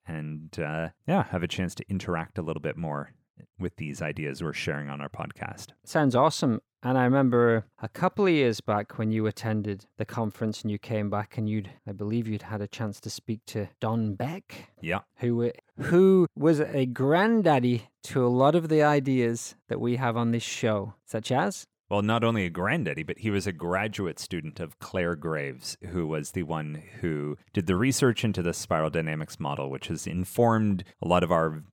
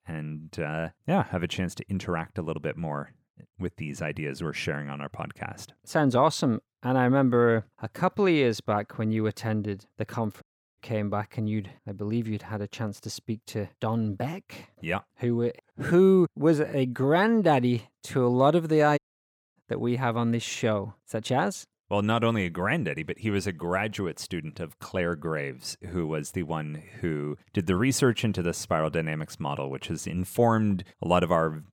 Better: first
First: none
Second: audio cutting out; at 10 s and at 19 s for 0.5 s

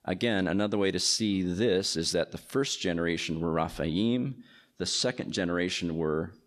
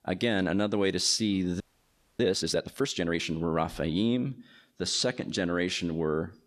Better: first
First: none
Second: audio freezing; at 1.5 s for 0.5 s

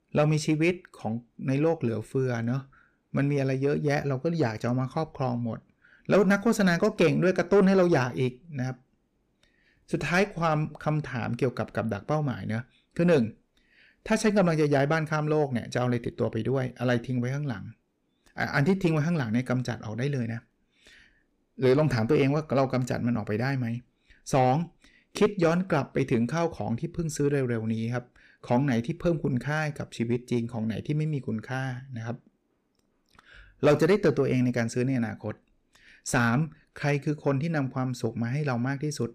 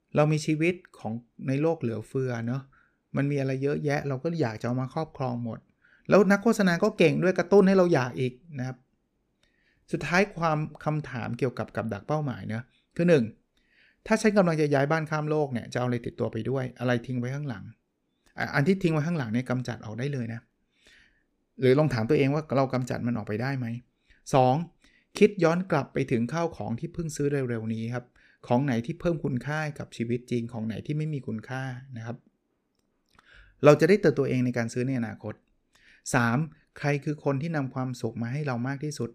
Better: second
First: distortion; slight; 10 dB below the speech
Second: none

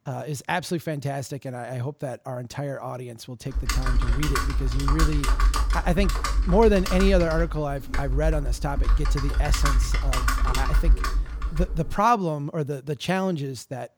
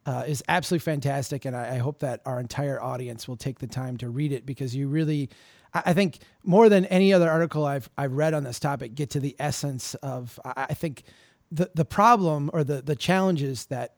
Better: second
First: keyboard typing; loud; from 3.5 to 12 s; peak 4 dB above the speech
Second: none

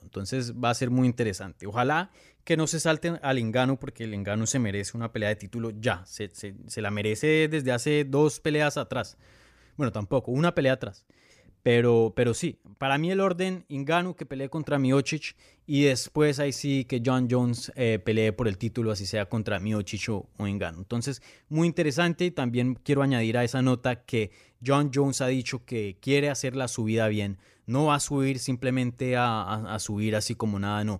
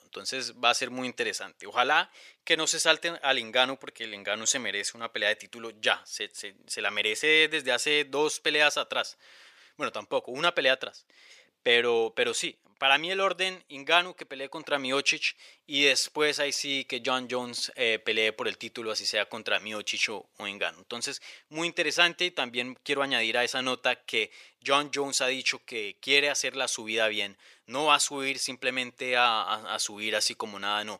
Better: first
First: none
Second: thin; very; fading below 550 Hz

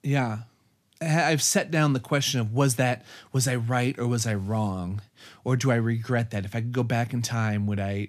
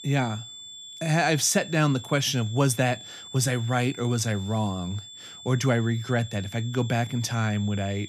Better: first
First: none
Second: high-pitched whine; noticeable; throughout; 3.5 kHz, 15 dB below the speech

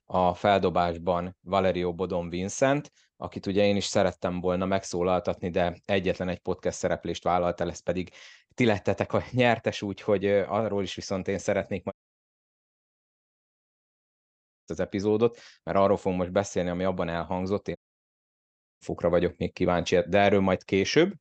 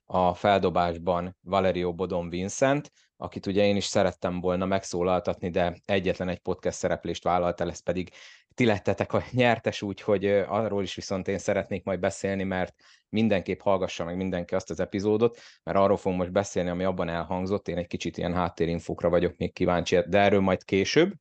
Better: second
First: audio cutting out; at 12 s for 3 s and at 18 s for 1 s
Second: none

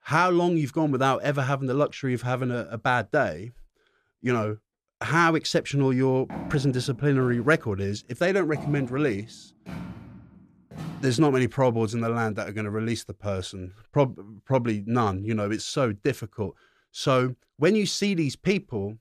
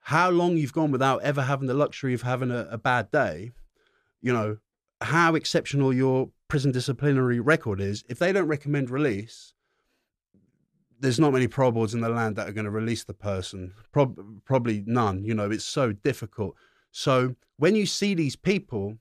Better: second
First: footsteps; faint; from 6.5 to 11 s; peak 10 dB below the speech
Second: none

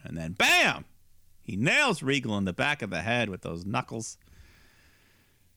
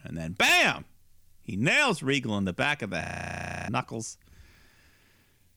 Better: first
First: none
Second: audio freezing; at 3 s for 0.5 s

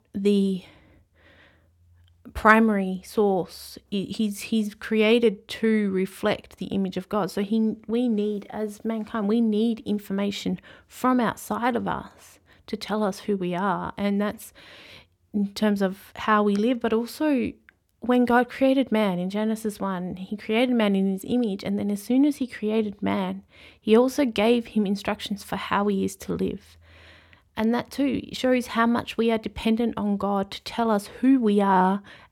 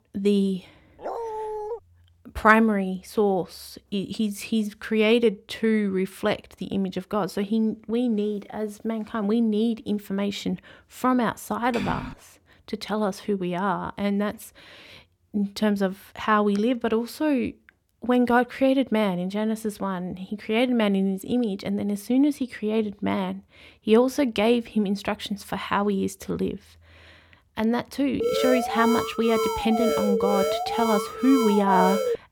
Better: first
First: none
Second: dog barking; noticeable; at 1 s; peak 7 dB below the speech // keyboard typing; noticeable; at 12 s; peak 8 dB below the speech // alarm; loud; from 28 s on; peak 1 dB above the speech

